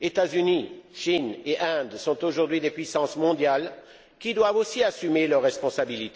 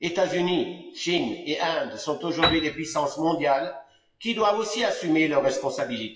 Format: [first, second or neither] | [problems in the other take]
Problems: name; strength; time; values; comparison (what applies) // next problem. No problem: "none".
first | noise reduction (classical method WPE with log-MMSE)